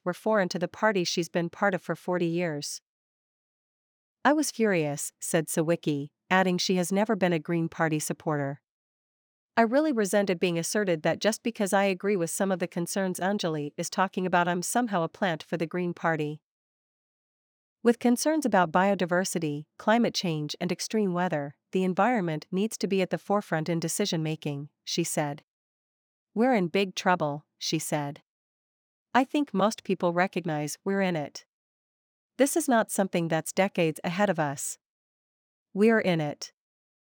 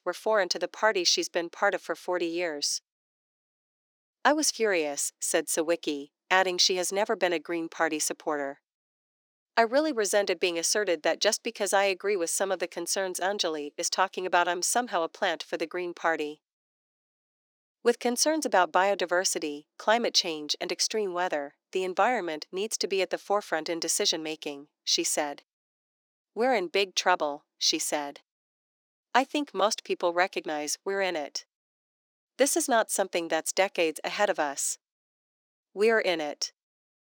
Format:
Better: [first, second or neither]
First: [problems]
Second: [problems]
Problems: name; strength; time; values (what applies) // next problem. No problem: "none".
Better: first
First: none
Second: thin; somewhat; fading below 300 Hz